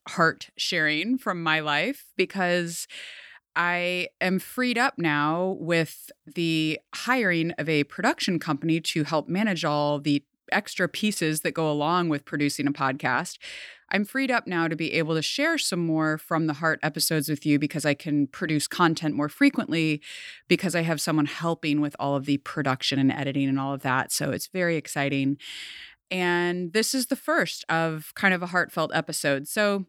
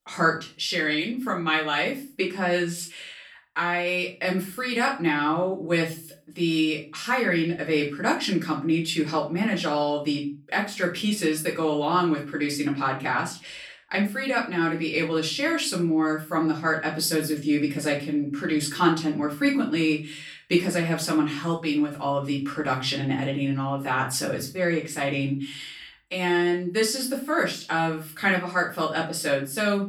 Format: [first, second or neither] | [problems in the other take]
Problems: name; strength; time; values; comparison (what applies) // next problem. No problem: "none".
first | off-mic speech; far // room echo; slight; dies away in 0.3 s